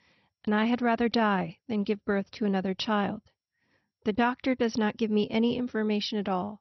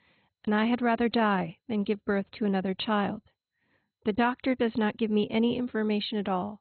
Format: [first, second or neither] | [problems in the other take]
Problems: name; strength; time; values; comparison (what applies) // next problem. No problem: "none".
first | garbled, watery; badly; nothing above 4 kHz; slightly in the first